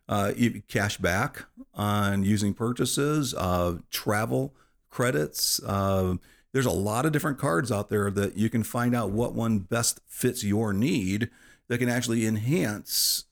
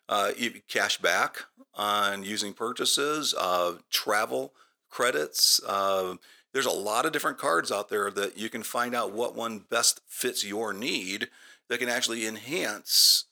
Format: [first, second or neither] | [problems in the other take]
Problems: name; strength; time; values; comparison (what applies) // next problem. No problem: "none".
first | thin; very; fading below 500 Hz